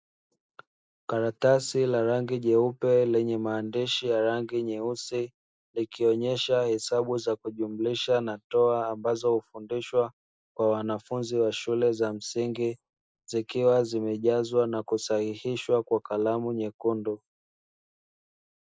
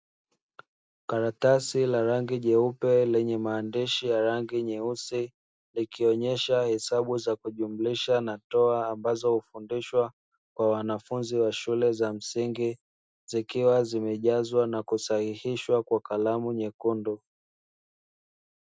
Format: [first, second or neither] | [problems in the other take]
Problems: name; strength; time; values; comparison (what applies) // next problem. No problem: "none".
second | noise reduction (neural mask model Resemble Enhance denoiser)